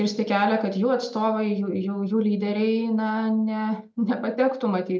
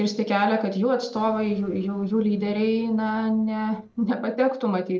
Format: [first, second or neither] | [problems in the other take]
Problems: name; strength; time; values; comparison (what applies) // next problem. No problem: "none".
first | noise reduction (neural separator model SepFormer DNS4)